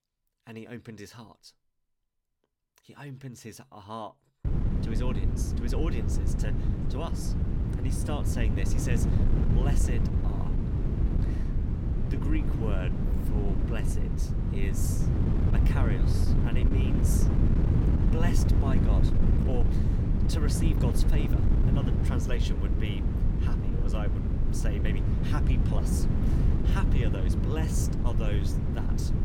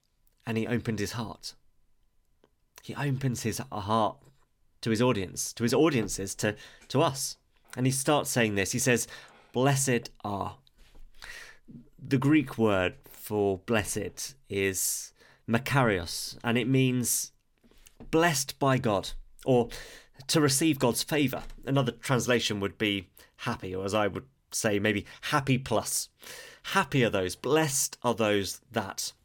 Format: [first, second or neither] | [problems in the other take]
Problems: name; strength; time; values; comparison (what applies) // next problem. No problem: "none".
second | wind noise on the microphone; heavy; from 4.5 s on; 1 dB above the speech